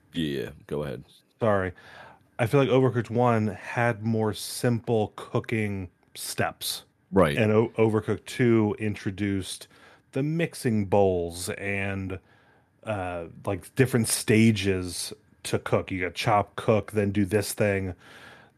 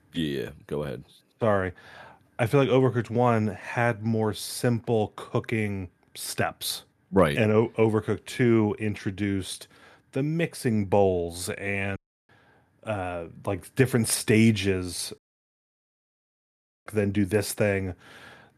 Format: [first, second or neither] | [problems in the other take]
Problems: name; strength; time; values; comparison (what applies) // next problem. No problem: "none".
first | audio cutting out; at 12 s and at 15 s for 1.5 s